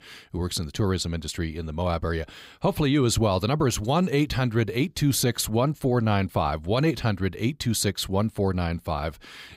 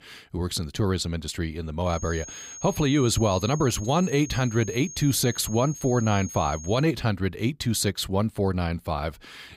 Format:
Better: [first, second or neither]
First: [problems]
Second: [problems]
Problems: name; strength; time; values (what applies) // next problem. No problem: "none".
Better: first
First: none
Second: high-pitched whine; noticeable; from 2 to 7 s; 6.5 kHz, 15 dB below the speech